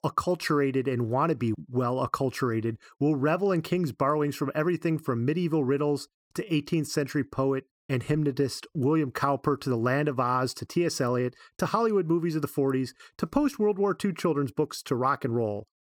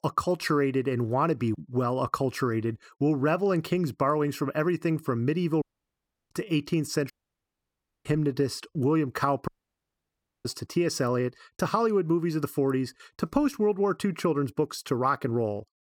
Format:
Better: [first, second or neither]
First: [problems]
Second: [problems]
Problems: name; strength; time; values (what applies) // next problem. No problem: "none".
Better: first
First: none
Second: audio cutting out; at 5.5 s for 0.5 s, at 7 s for 1 s and at 9.5 s for 1 s